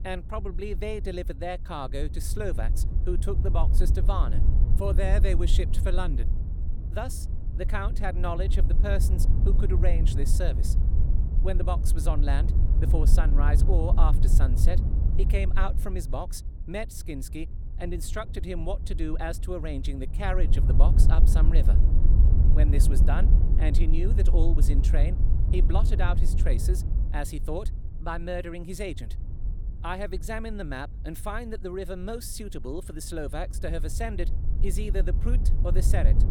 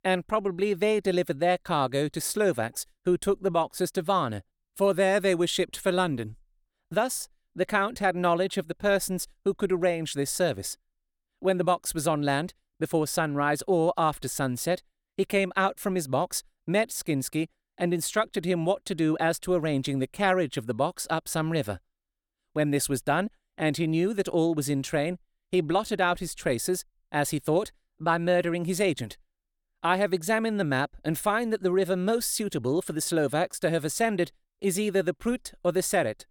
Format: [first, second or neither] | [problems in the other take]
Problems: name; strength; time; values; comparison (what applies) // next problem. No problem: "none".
second | wind noise on the microphone; heavy; 8 dB below the speech